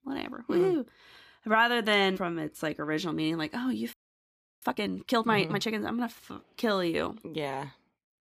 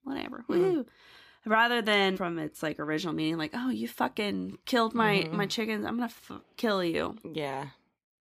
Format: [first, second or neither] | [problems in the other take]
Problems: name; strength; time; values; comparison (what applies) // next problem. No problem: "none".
second | audio freezing; at 4 s for 0.5 s